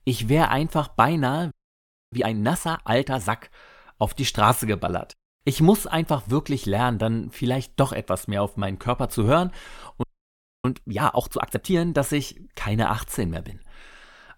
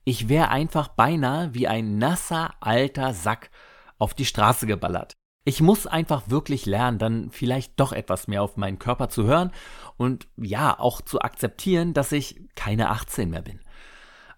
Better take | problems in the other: second | audio freezing; at 1.5 s for 0.5 s and at 10 s for 0.5 s

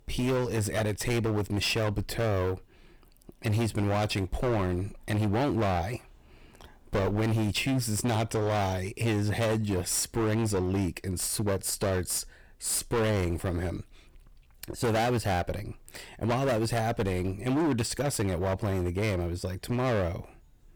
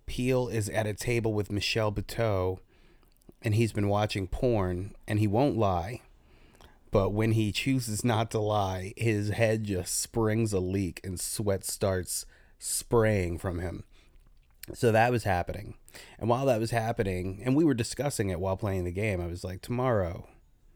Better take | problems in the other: second | distortion; heavy; 21% of the sound clipped

